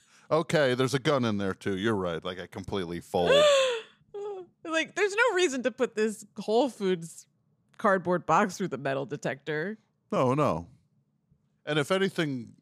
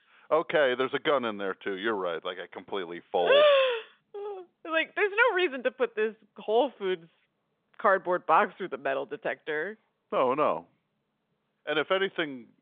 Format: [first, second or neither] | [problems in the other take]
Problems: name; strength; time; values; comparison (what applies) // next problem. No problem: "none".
first | phone-call audio; nothing above 3.5 kHz